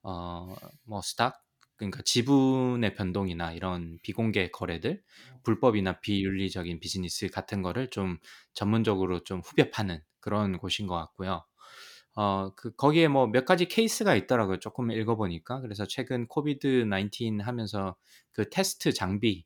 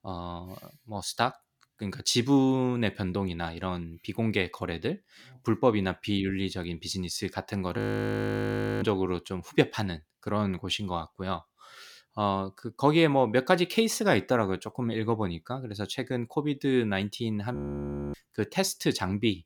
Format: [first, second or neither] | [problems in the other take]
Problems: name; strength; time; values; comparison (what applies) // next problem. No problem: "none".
first | audio freezing; at 8 s for 1 s and at 18 s for 0.5 s